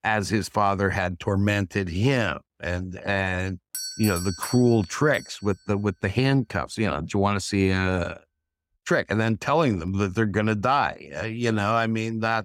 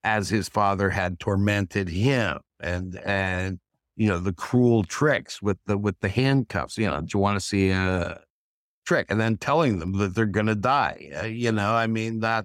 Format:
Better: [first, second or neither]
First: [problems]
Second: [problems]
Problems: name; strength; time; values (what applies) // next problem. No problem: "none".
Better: second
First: doorbell; noticeable; from 3.5 to 5.5 s; peak 6 dB below the speech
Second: none